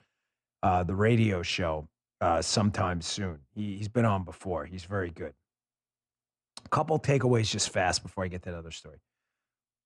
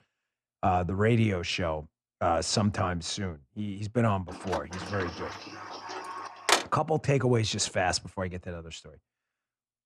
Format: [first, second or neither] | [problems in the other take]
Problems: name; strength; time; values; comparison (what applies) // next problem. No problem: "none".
first | door banging; loud; from 4.5 to 6.5 s; peak 4 dB above the speech